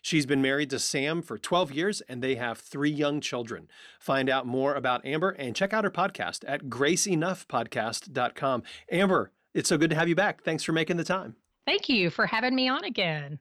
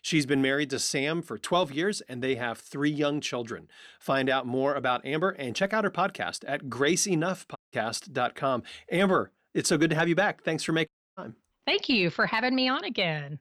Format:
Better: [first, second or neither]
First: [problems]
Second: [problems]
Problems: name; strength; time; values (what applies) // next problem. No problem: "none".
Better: first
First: none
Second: audio cutting out; at 7.5 s and at 11 s